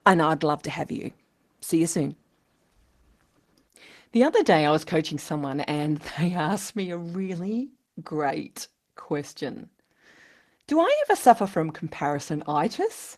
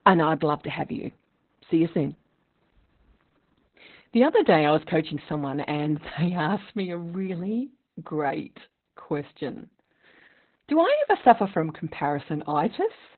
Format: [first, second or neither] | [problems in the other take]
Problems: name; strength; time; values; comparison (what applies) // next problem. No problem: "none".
first | garbled, watery; badly; nothing above 4 kHz; slightly in the first